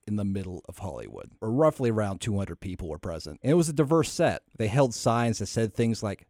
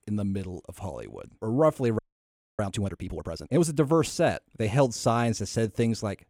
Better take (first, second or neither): first